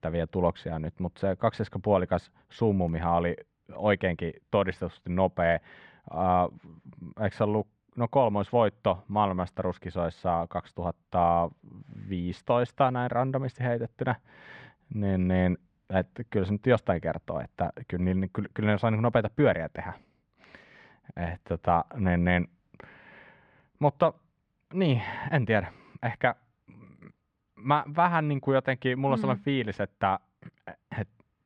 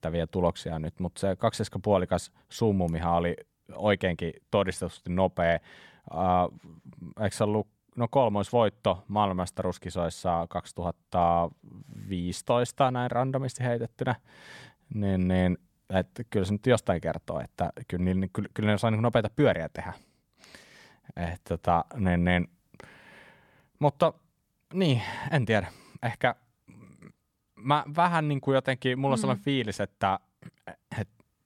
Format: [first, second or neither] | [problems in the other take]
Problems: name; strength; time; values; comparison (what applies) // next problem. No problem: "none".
second | muffled; slightly; fading above 2 kHz